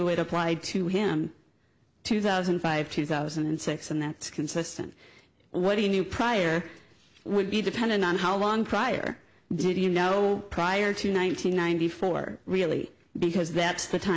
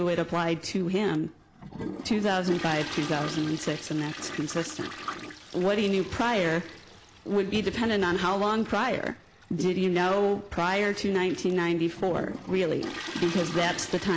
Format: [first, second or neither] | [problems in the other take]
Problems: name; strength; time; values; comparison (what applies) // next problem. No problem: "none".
first | background sound (Toilet flush); 13 dB below the speech